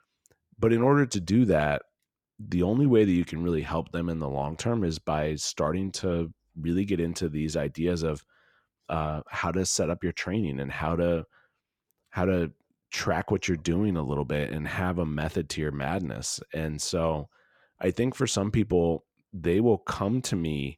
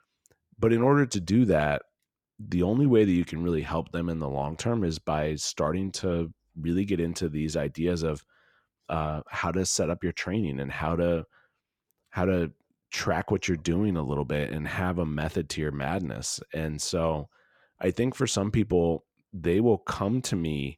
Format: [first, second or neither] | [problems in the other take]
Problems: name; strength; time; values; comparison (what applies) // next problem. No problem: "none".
neither | none